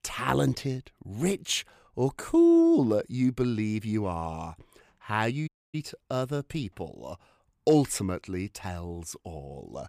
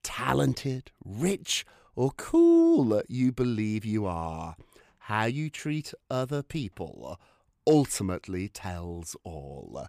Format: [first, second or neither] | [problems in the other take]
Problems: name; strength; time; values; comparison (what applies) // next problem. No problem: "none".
second | audio cutting out; at 5.5 s